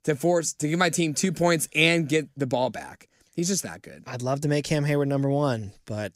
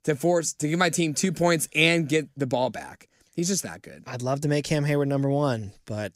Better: neither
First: none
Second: none

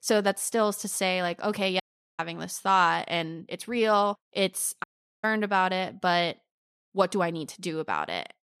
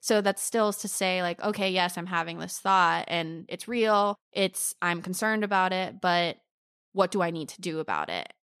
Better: second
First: audio cutting out; at 2 s and at 5 s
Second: none

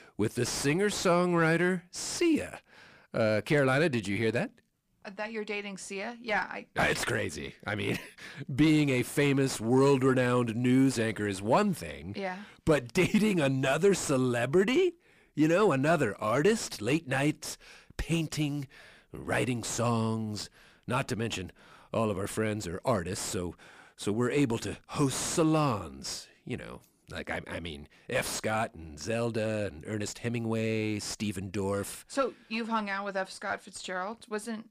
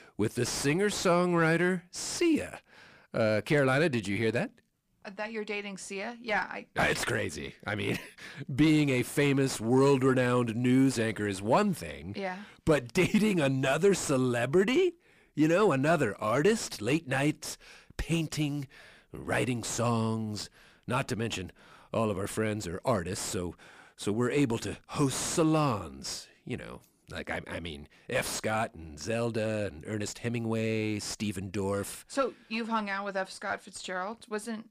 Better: neither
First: distortion; slight; 10 dB below the speech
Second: distortion; slight; 10 dB below the speech

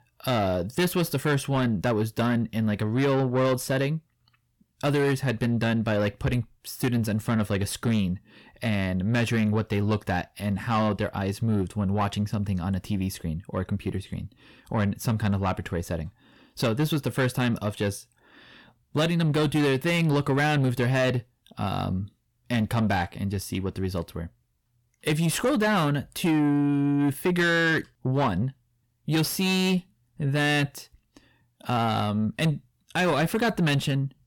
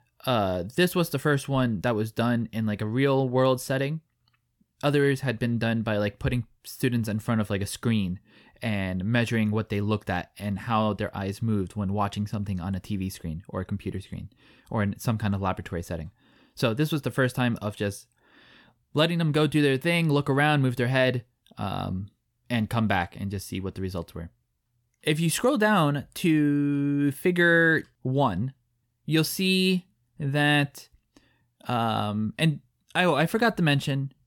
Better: second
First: distortion; slight; 10 dB below the speech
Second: none

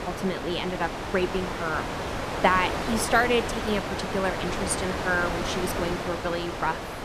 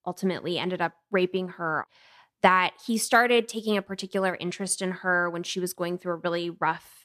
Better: second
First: wind noise on the microphone; heavy; 3 dB below the speech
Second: none

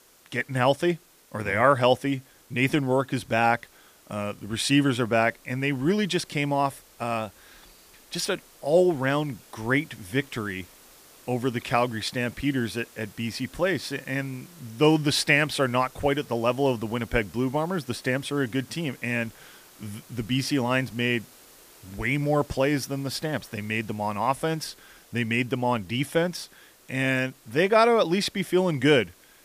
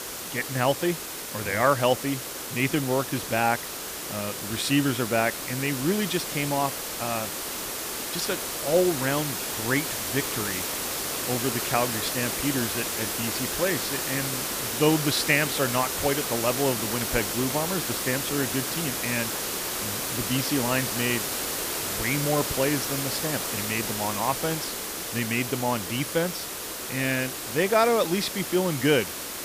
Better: first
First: hiss; faint; throughout; 25 dB below the speech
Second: hiss; loud; throughout; 2 dB below the speech

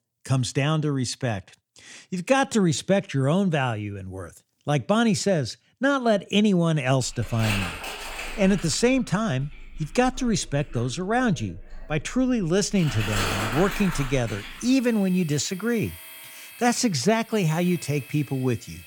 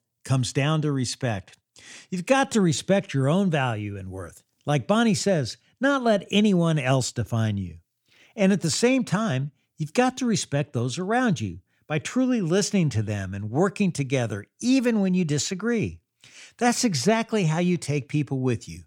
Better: second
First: household noises; noticeable; from 7 s on; 10 dB below the speech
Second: none

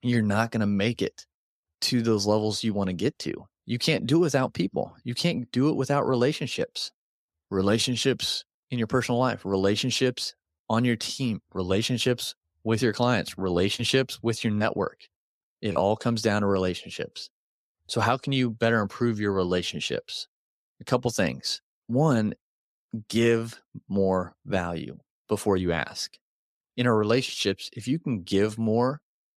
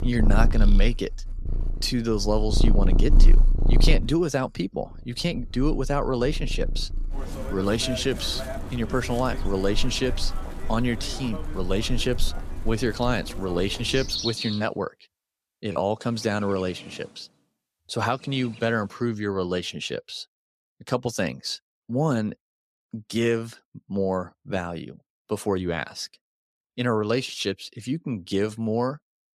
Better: first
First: none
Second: animal sounds; loud; until 19 s; 2 dB below the speech

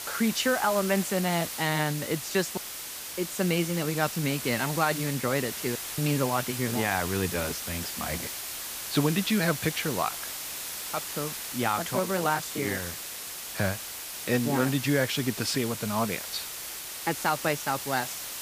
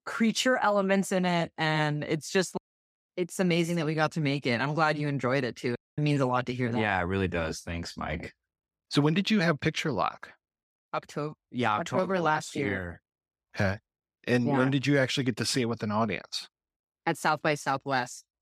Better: second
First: hiss; loud; throughout; 5 dB below the speech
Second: none

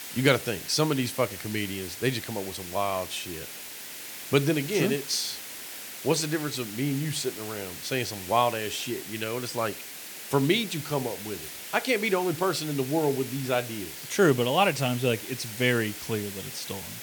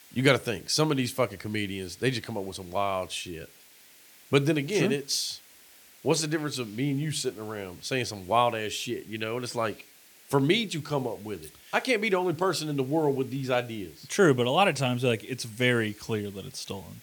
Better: second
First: hiss; loud; throughout; 9 dB below the speech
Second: hiss; faint; throughout; 25 dB below the speech

